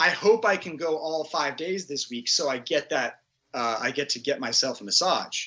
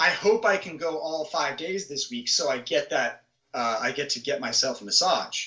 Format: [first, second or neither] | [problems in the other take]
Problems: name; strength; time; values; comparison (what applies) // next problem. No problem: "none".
first | room echo; dies away in 0.2 s